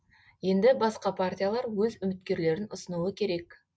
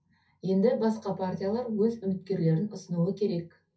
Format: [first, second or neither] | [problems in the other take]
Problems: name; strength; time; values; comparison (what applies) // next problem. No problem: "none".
first | room echo; dies away in 0.3 s